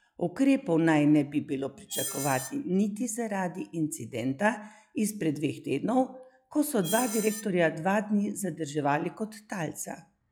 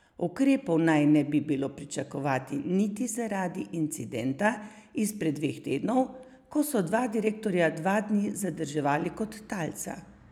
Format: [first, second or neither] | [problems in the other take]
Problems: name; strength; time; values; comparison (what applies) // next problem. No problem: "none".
second | noise reduction (classical method log-MMSE)